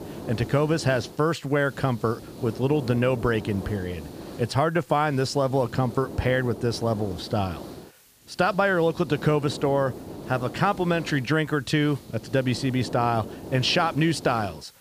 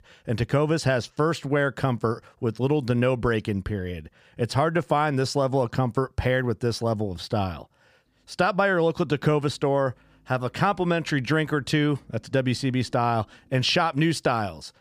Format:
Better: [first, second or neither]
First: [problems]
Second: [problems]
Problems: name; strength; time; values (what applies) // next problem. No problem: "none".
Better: second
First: hiss; noticeable; throughout; 15 dB below the speech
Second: none